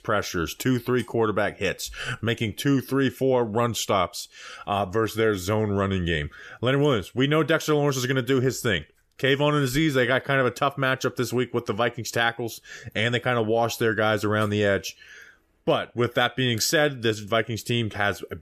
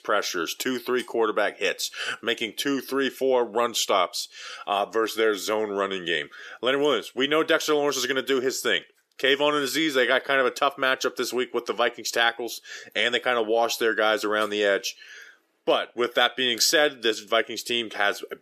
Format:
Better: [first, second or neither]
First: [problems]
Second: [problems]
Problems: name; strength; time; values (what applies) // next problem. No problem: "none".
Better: first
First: none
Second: thin; somewhat; fading below 300 Hz